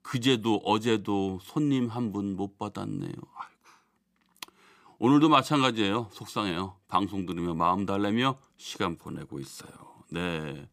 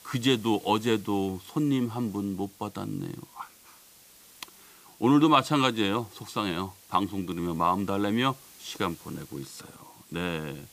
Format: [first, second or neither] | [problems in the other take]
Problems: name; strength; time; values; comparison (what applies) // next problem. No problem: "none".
first | hiss; faint; throughout; 25 dB below the speech